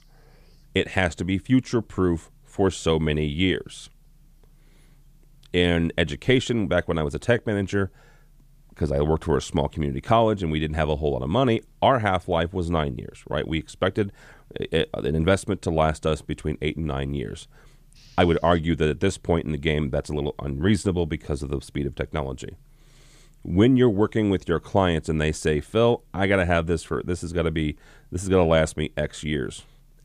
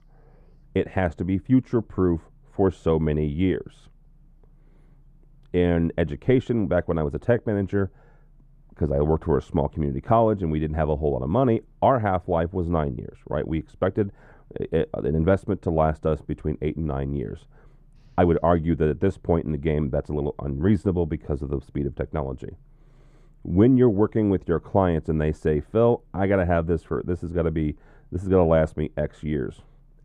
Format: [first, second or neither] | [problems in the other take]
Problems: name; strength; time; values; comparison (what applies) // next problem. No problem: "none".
first | muffled; very; fading above 2 kHz